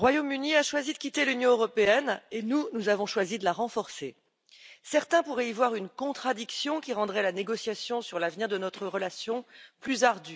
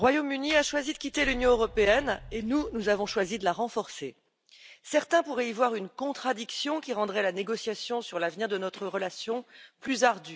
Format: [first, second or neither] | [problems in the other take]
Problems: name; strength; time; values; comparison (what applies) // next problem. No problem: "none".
first | background sound (Sliding door); 16 dB below the speech